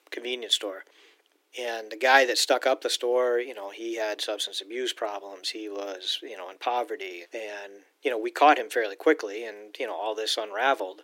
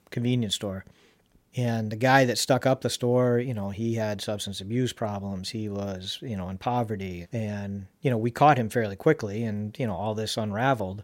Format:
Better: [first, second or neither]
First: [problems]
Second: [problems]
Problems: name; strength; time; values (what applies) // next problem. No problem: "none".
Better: second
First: thin; very; fading below 300 Hz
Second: none